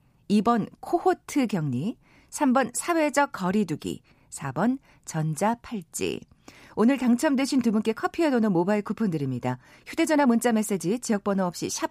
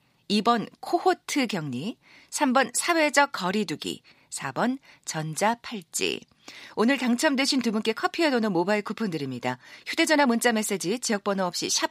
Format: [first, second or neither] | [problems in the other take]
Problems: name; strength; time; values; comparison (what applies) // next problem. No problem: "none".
first | thin; very slightly; fading below 350 Hz